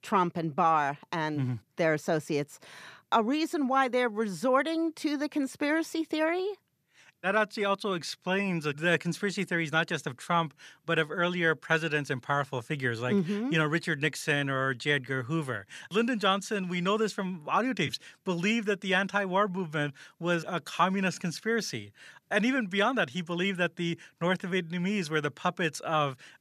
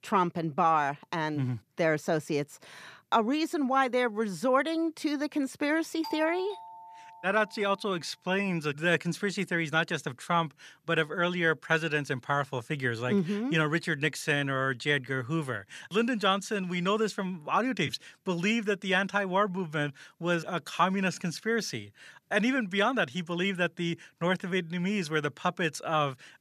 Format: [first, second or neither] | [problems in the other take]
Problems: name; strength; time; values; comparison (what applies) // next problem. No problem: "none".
first | doorbell; faint; from 6 to 7.5 s; peak 10 dB below the speech